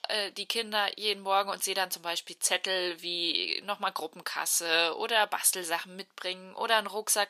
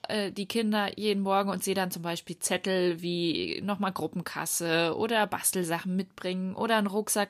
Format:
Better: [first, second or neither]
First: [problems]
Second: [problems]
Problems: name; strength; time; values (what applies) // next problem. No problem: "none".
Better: second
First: thin; very; fading below 600 Hz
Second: none